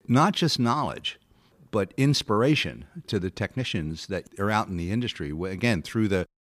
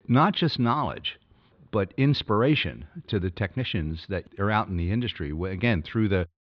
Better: first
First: none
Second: muffled; very slightly; fading above 4 kHz

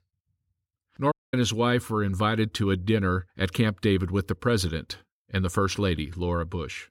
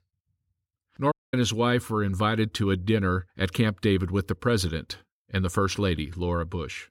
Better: neither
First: audio cutting out; at 1 s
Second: audio cutting out; at 1 s

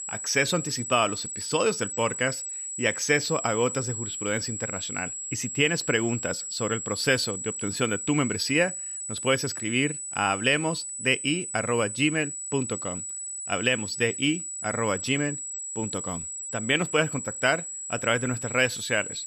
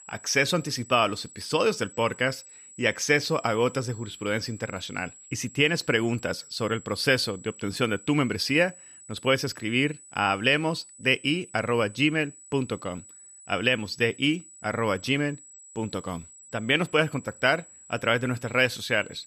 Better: second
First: high-pitched whine; loud; throughout; 8 kHz, 5 dB below the speech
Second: high-pitched whine; faint; throughout; 8 kHz, 20 dB below the speech

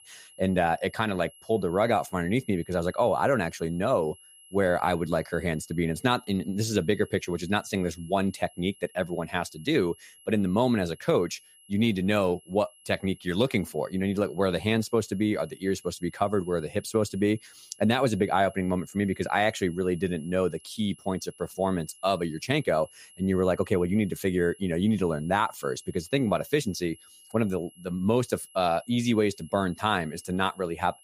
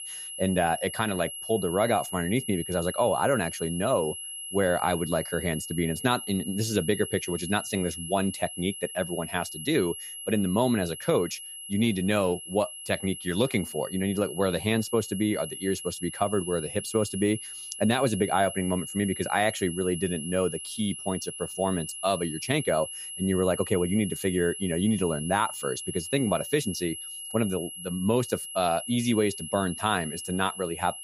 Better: first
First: high-pitched whine; faint; throughout; 11 kHz, 25 dB below the speech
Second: high-pitched whine; loud; throughout; 11 kHz, 8 dB below the speech

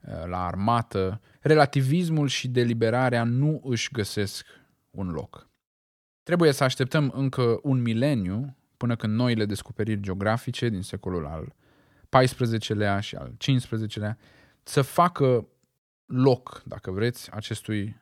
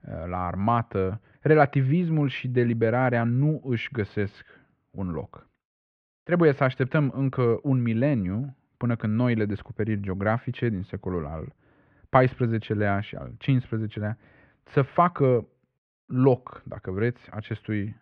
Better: first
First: none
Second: muffled; very; fading above 2.5 kHz

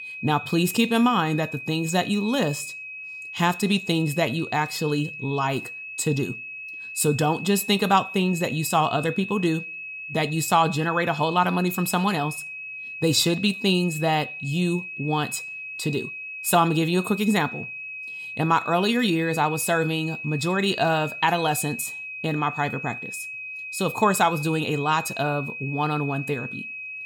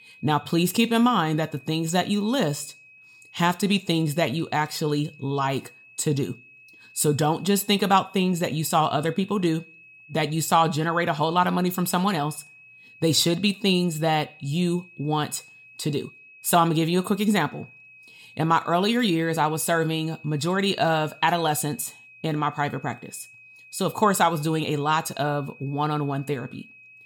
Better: second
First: high-pitched whine; loud; throughout; 2.5 kHz, 9 dB below the speech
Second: high-pitched whine; faint; throughout; 2.5 kHz, 25 dB below the speech

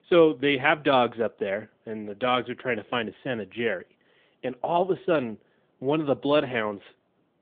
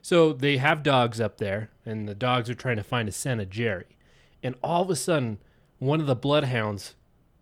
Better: second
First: phone-call audio; nothing above 3.5 kHz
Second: none

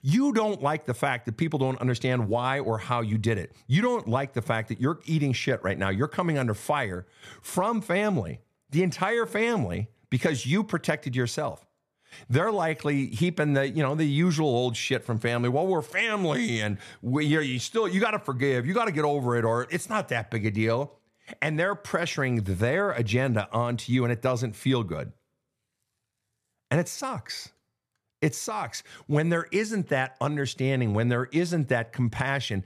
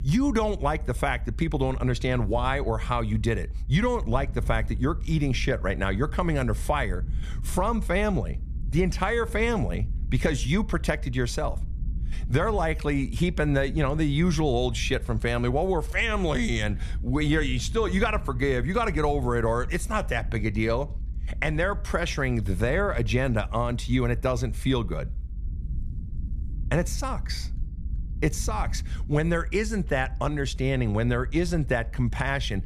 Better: first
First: none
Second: low rumble; faint; throughout; 25 dB below the speech

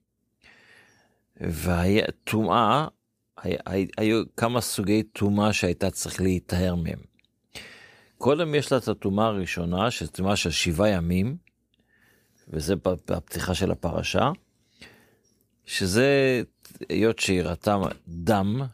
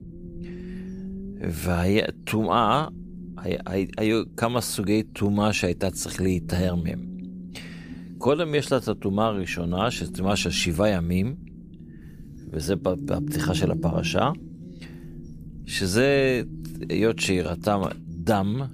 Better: first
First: none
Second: low rumble; noticeable; throughout; 20 dB below the speech

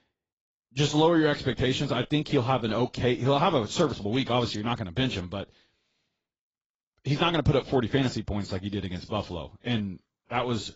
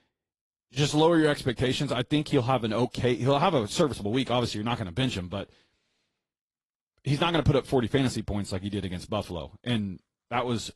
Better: second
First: garbled, watery; badly; nothing above 7.5 kHz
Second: garbled, watery; slightly; nothing above 11.5 kHz

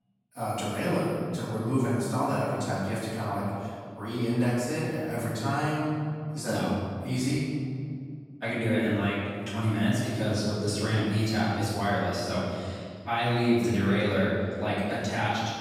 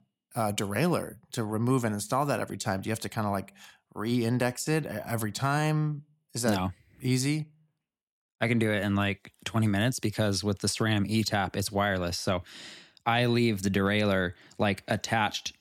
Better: second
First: off-mic speech; far // room echo; strong; dies away in 2.1 s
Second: none

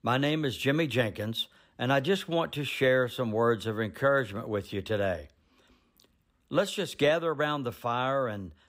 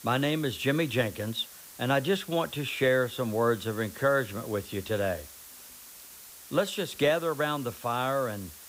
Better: first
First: none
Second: hiss; noticeable; throughout; 15 dB below the speech

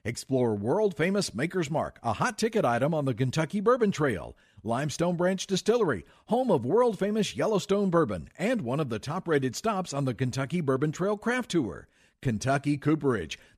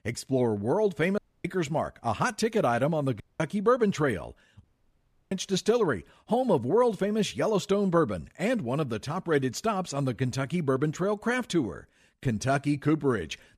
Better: first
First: none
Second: audio cutting out; at 1 s, at 3 s and at 4.5 s for 0.5 s

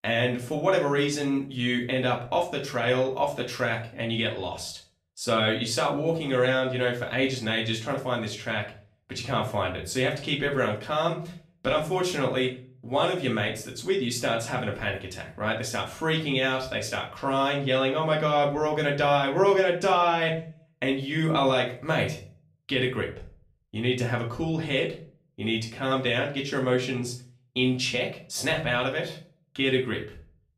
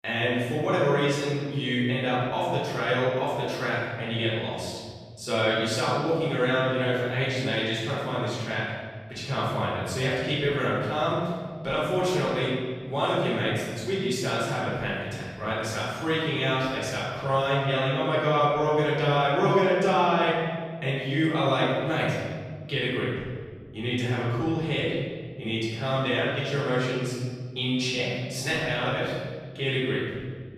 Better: first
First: room echo; slight; dies away in 0.4 s // off-mic speech; far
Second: room echo; strong; dies away in 1.9 s // off-mic speech; far

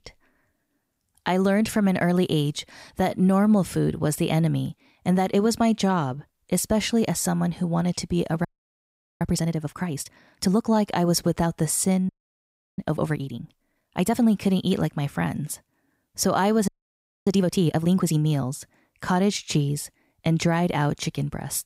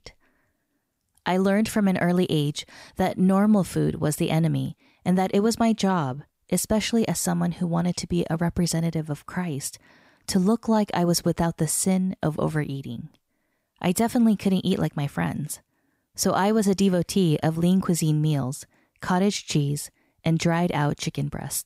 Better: second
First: audio freezing; at 8.5 s for 1 s, at 12 s for 0.5 s and at 17 s for 0.5 s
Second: none

